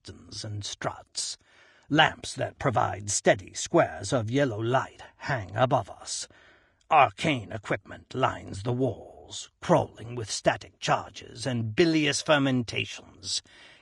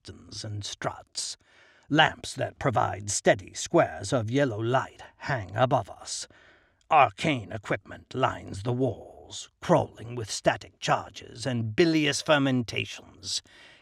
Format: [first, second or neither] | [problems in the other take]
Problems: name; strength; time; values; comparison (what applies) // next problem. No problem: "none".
second | garbled, watery; slightly